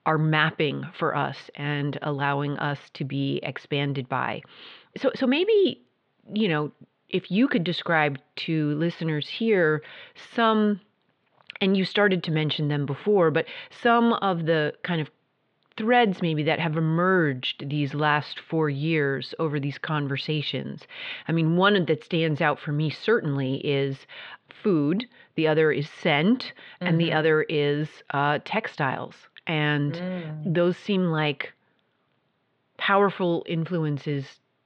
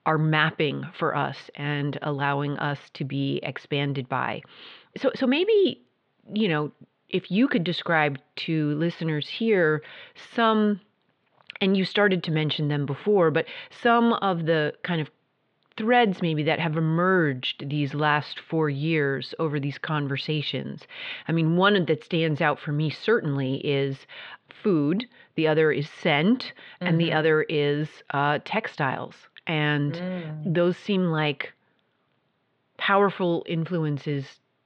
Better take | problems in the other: neither | muffled; slightly; fading above 3.5 kHz; the same in both

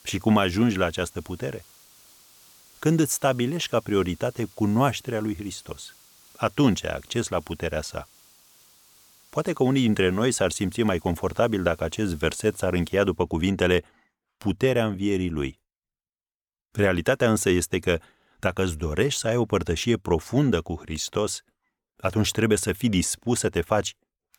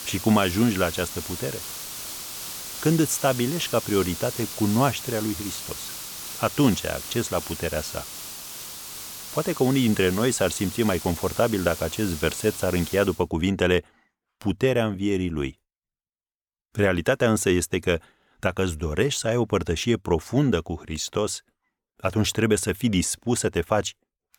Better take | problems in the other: first | hiss; loud; until 13 s; 9 dB below the speech; faint in the first

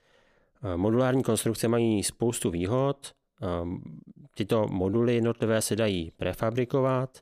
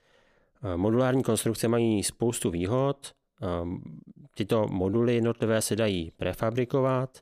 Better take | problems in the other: neither | none

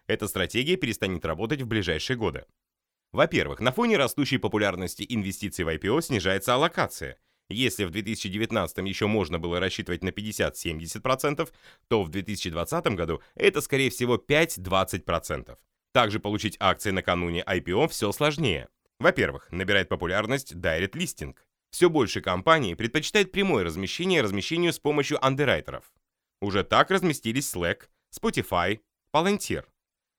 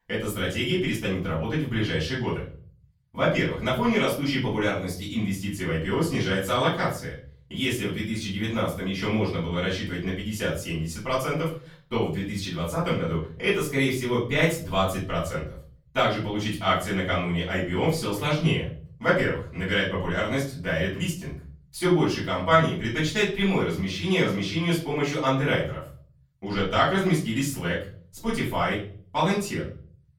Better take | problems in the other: first | room echo; slight; dies away in 0.5 s // off-mic speech; far

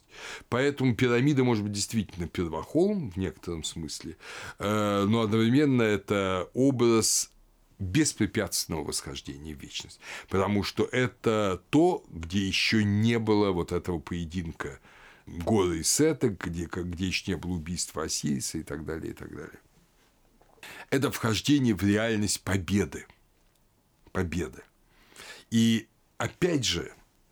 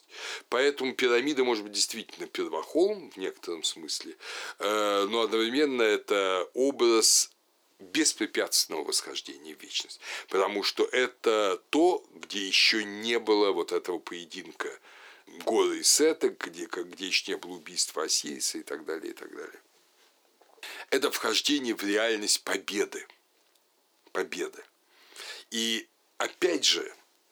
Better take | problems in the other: first | thin; somewhat; fading below 350 Hz

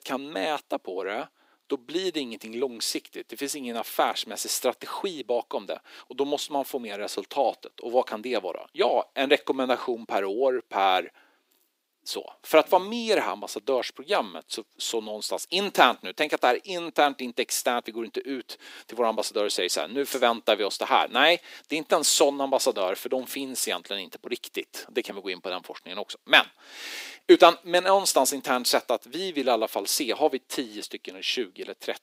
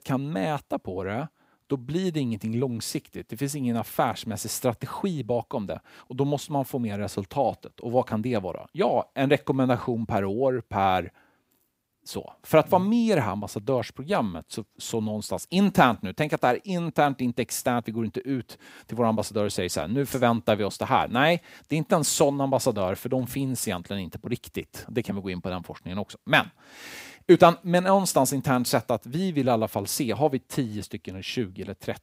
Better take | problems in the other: second | thin; somewhat; fading below 350 Hz

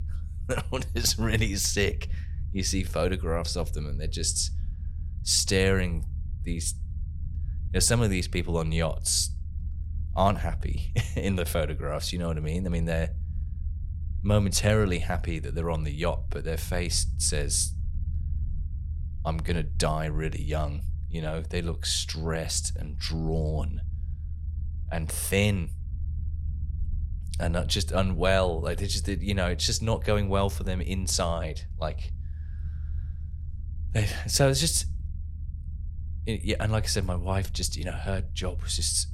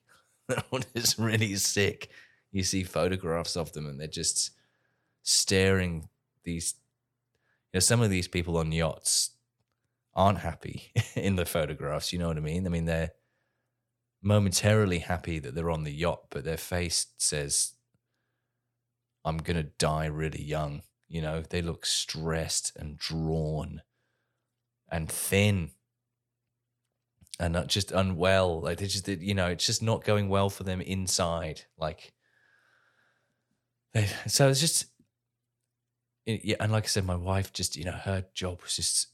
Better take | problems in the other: second | low rumble; faint; throughout; 25 dB below the speech

